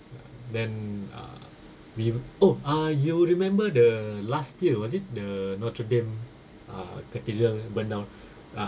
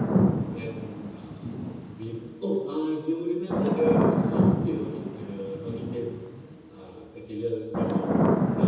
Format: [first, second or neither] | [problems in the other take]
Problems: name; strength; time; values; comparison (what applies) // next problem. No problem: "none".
first | background sound (Thunder / Rain); 5 dB above the speech // room echo; dies away in 1.1 s